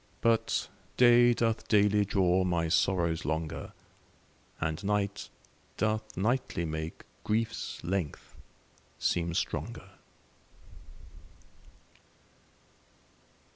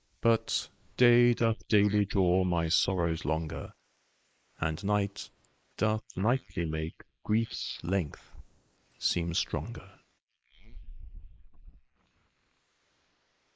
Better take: first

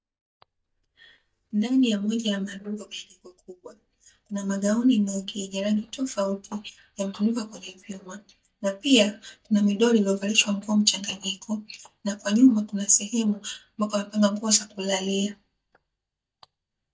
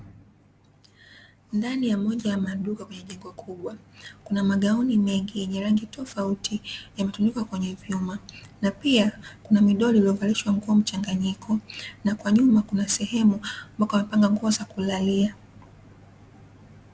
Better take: second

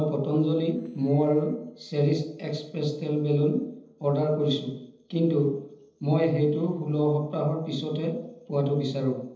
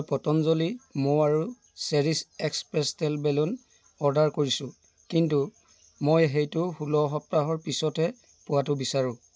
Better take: second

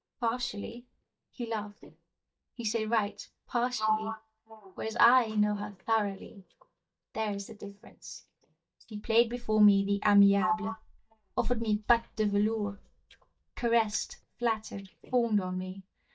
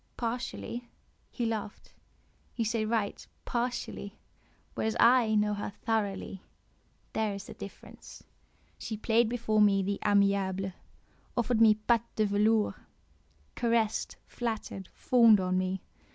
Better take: second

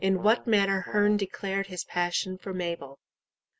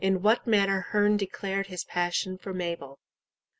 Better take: second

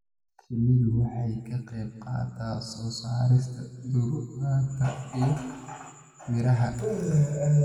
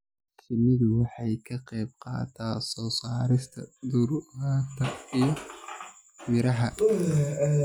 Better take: second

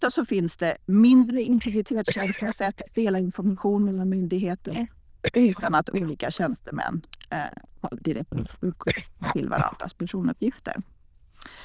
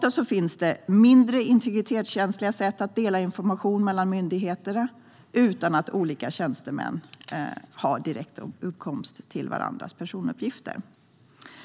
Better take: second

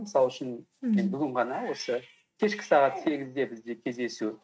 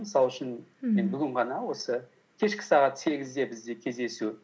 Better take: second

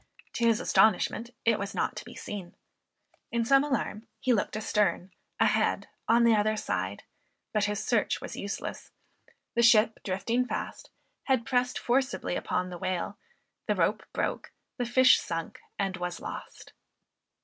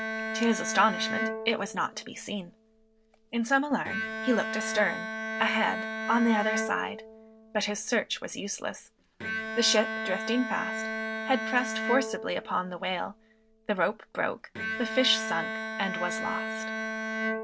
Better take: first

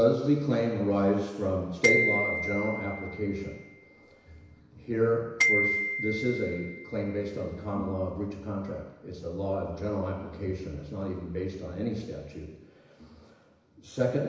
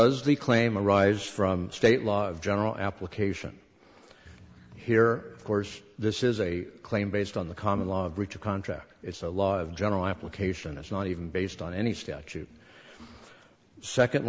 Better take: second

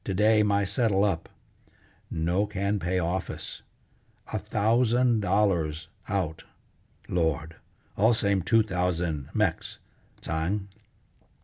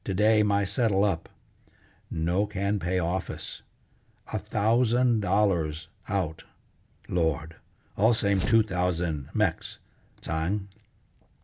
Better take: first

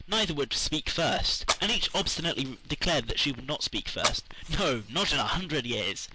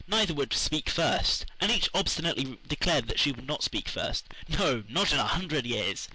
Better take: second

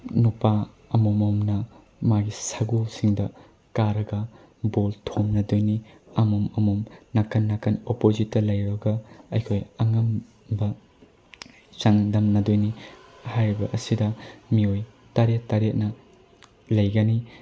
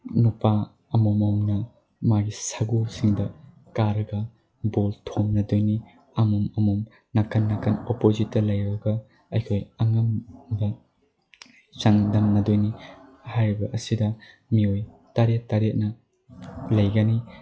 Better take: first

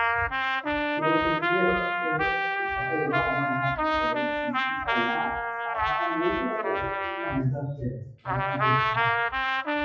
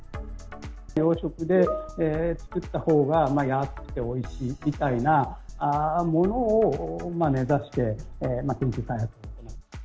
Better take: second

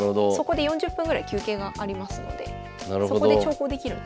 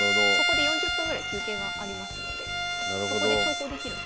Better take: first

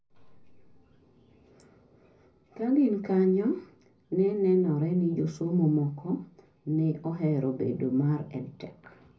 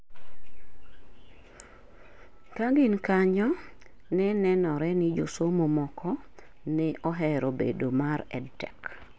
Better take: second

